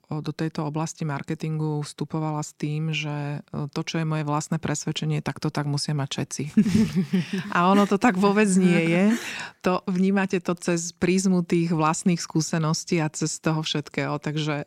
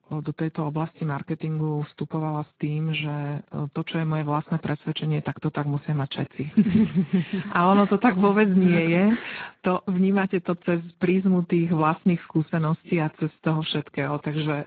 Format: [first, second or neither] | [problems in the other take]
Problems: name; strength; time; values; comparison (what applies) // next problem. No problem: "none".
first | garbled, watery; badly; nothing above 4 kHz